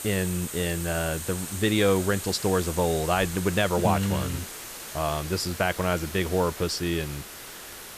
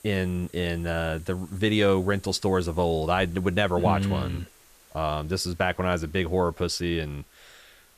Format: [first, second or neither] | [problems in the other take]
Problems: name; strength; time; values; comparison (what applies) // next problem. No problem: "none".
second | hiss; loud; throughout; 9 dB below the speech; faint in the second